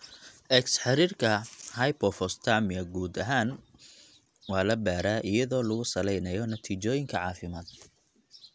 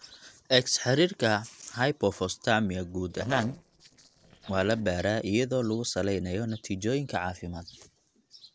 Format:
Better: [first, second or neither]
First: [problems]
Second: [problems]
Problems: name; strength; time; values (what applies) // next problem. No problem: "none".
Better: first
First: none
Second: noise reduction (neural separator model SepFormer DNS4)